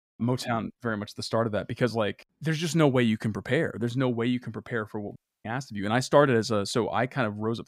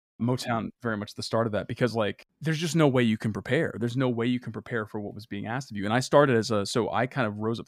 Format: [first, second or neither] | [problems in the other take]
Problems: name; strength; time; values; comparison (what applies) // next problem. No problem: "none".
second | audio cutting out; at 5 s